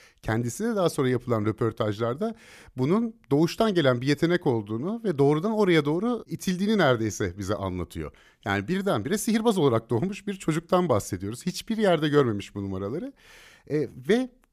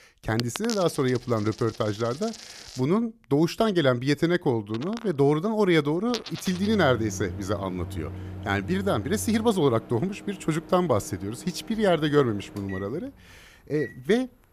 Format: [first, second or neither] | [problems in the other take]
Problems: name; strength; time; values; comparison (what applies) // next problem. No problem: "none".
first | household noises; noticeable; throughout; 15 dB below the speech